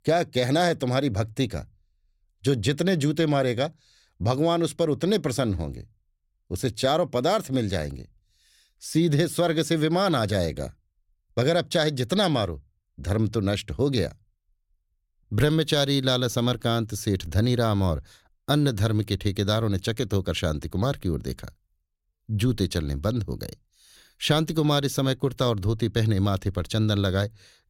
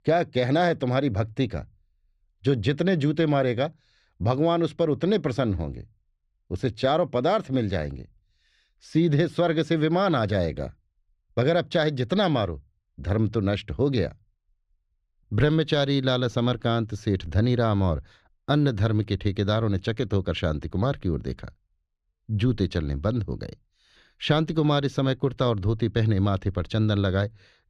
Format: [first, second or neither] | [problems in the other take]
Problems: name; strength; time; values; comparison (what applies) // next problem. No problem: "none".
first | muffled; slightly; fading above 3 kHz